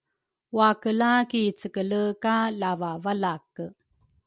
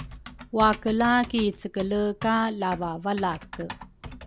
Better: first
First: none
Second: background sound (Typing); 15 dB below the speech

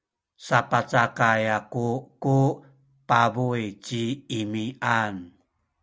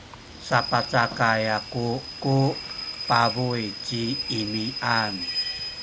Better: first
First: none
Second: background sound (Rain / Train); 7 dB below the speech

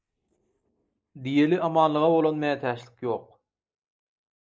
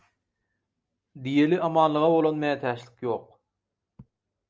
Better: second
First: noise reduction (neural mask model Resemble Enhance denoiser)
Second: none

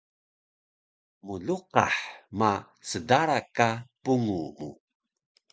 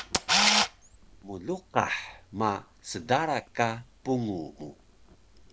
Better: first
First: none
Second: background sound (Camera); as loud as the speech

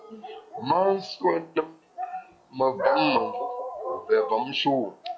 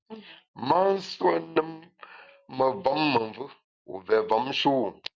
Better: second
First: noise reduction (classical method log-MMSE)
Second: none

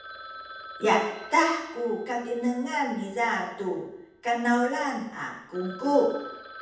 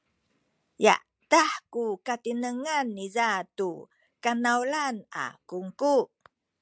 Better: second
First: background sound (Telephone); 18 dB below the speech // room echo; dies away in 0.8 s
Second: none

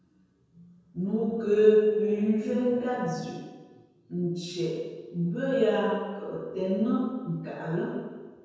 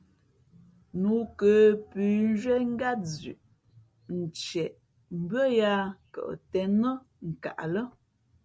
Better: second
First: room echo; dies away in 1.2 s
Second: none

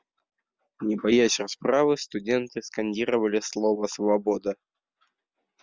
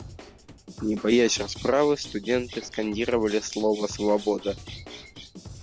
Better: first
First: none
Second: background sound (Drum / Drum kit + Bird vocalization, bird call, bird song); 15 dB below the speech

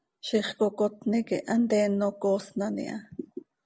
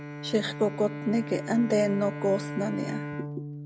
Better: first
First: none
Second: background sound (Bowed string instrument); 8 dB below the speech

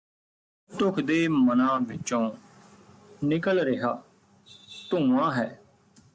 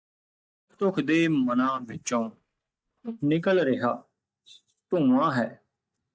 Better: first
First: none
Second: noise reduction (neural mask model DeepFilterNet 3)

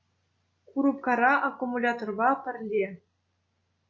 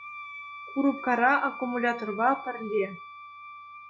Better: first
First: none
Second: background sound (Wind instrument, woodwind instrument); 13 dB below the speech

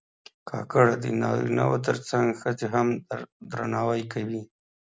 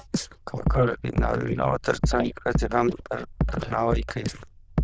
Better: first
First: none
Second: noise reduction (neural diffusion model UNIVERSE++)

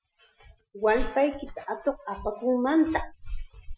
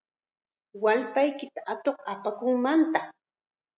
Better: second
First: noise reduction (classical method Wiener filter)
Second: none

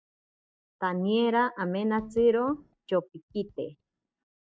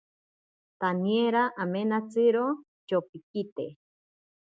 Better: second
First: noise reduction (neural mask model DeepFilterNet 3)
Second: none

